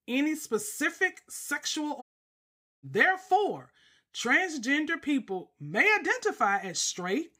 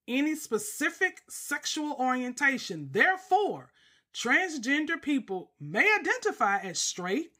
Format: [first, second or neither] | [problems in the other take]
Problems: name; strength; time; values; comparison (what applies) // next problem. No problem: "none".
second | audio cutting out; at 2 s for 1 s